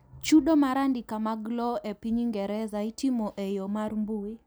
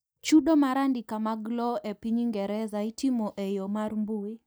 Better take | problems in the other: first | noise reduction (neural mask model DeepFilterNet 3)

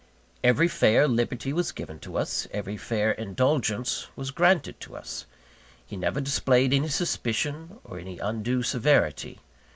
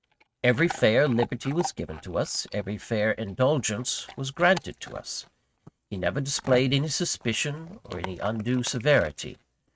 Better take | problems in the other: first | noise reduction (neural mask model RNNoise)

